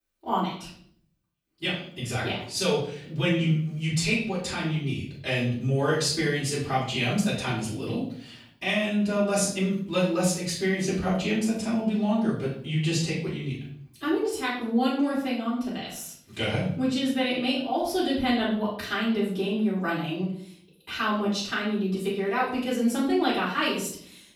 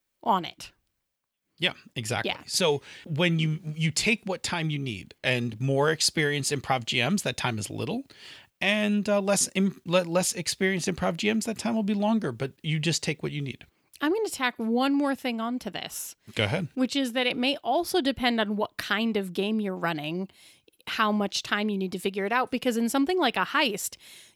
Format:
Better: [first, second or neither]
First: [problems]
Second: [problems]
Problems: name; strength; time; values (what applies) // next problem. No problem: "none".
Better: second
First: off-mic speech; far // room echo; noticeable; dies away in 0.6 s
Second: none